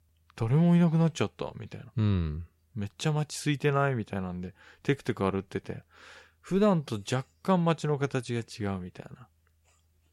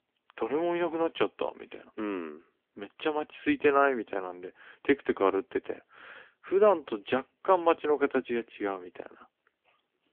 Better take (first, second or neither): first